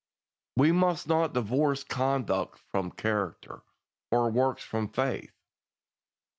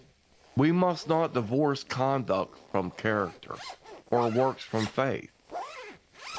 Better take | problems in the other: first | background sound (Zipper (clothing)); 16 dB below the speech

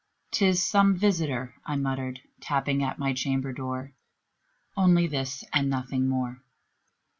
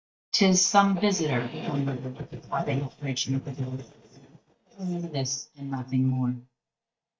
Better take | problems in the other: first | noise reduction (neural mask model DeepFilterNet 3)

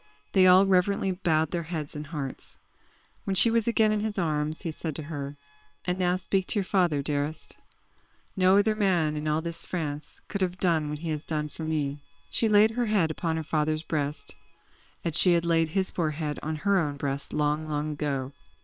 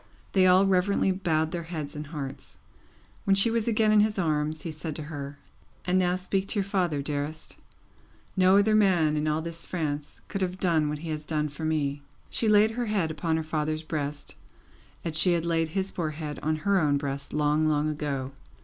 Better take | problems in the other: second | noise reduction (neural separator model SepFormer WHAM!)

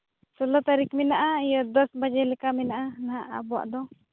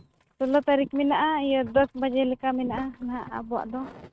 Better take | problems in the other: first | noise reduction (neural mask model RNNoise)

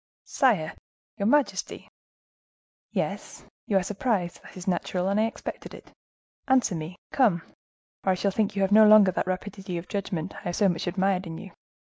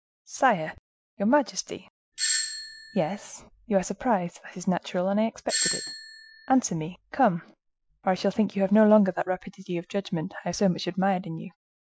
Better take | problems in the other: first | noise reduction (classical method Wiener filter)

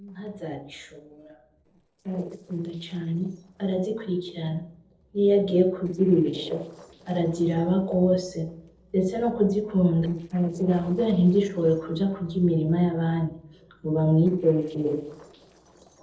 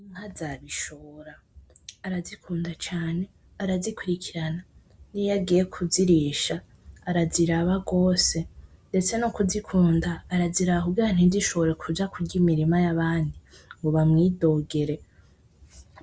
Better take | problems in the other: second | noise reduction (neural separator model SepFormer DNS4)

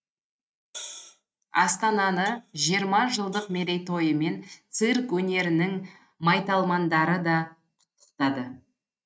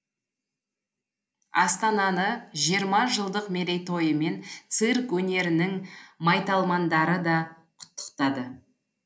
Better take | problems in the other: second | noise reduction (neural mask model RNNoise)

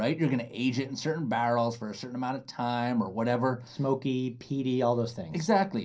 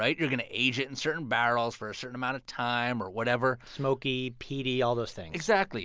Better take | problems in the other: second | room echo; dies away in 0.3 s

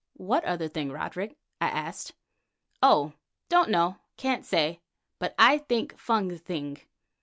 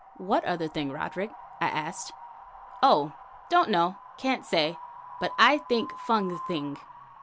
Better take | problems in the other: first | background sound (Wind); 15 dB below the speech

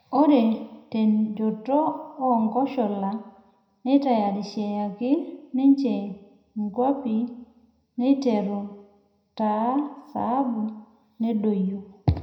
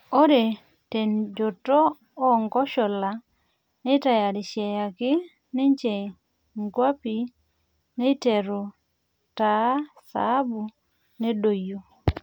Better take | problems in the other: second | room echo; dies away in 0.7 s

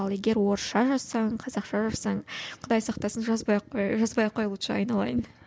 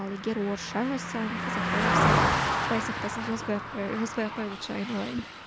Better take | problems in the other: first | background sound (Car passing by); 3 dB above the speech

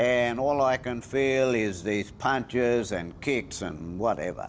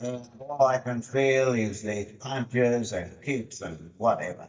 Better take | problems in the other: first | noise reduction (neural mask model DeepFilterNet 3)

